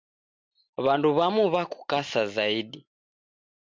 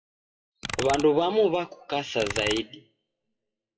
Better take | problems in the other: first | noise reduction (classical method WPE with log-MMSE)

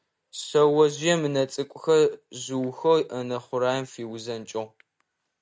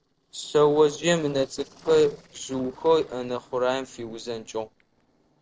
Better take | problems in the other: first | noise reduction (neural separator model SepFormer DNS4)

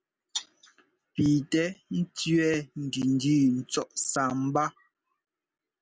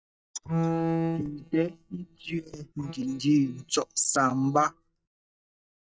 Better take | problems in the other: first | noise reduction (neural mask model DeepFilterNet 3)

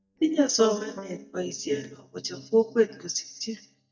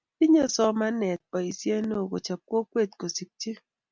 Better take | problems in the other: second | noise reduction (neural mask model DeepFilterNet 3)

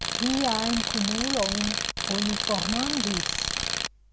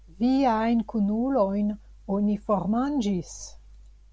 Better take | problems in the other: second | background sound (Tools); 1 dB above the speech

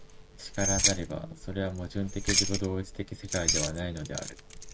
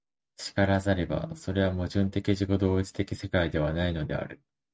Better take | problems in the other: second | background sound (Keys jangling); 1 dB above the speech

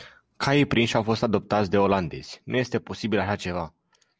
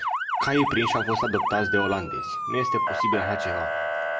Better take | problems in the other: first | background sound (Motor vehicle (road) / Siren); 1 dB above the speech // room echo; dies away in 0.9 s

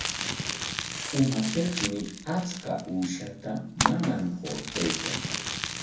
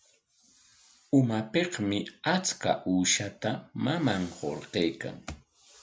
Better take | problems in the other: second | background sound (Crumpling, crinkling); 2 dB below the speech // room echo; dies away in 0.6 s

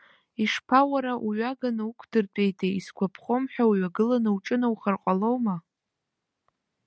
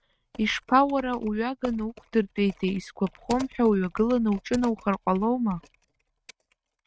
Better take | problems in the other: first | noise reduction (neural mask model RNNoise)

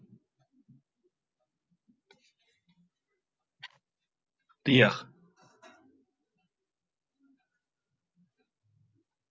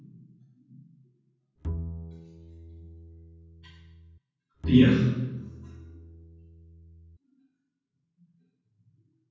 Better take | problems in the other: first | background sound (Bowed string instrument); 8 dB below the speech // room echo; dies away in 1.2 s

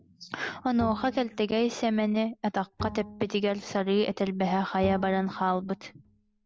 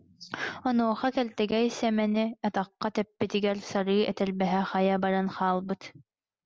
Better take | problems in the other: second | background sound (Bowed string instrument); 15 dB below the speech

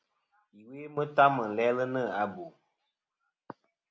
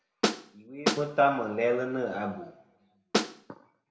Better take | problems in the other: first | background sound (Snare drum); 1 dB above the speech // room echo; dies away in 0.7 s

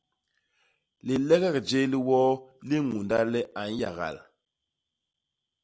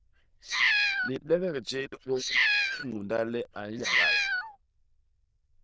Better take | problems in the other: first | noise reduction (neural diffusion model UNIVERSE++)

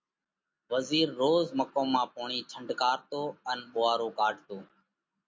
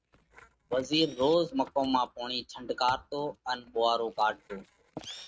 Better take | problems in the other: first | noise reduction (neural mask model RNNoise)

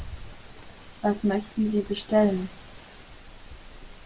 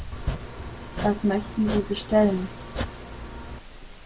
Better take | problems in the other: first | background sound (Domestic sounds, home sounds); 7 dB below the speech

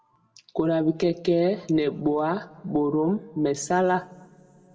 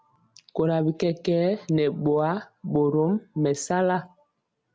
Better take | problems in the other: second | room echo; dies away in 1.2 s

